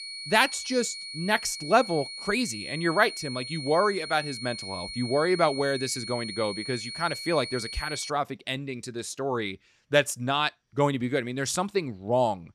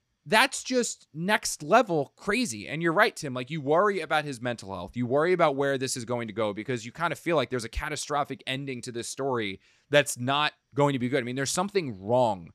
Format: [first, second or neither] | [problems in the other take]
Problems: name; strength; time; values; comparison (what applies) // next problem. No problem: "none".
second | high-pitched whine; loud; until 8 s; 4.5 kHz, 8 dB below the speech